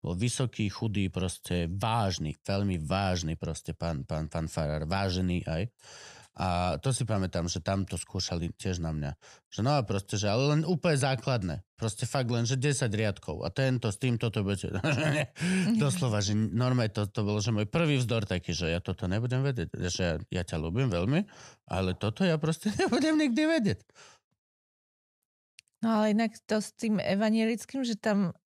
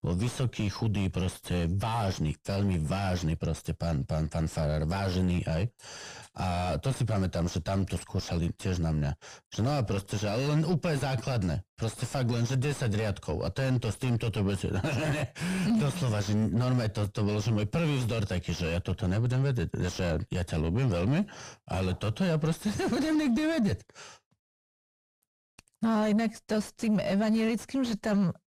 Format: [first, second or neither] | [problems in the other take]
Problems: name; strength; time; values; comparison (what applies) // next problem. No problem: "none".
first | distortion; heavy; 7 dB below the speech